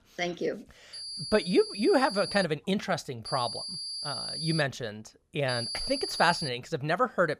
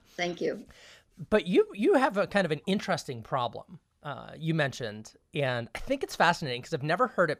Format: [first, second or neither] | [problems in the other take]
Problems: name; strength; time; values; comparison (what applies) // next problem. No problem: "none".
second | high-pitched whine; loud; from 1 to 2.5 s, from 3.5 to 4.5 s and at 5.5 s; 5 kHz, 6 dB below the speech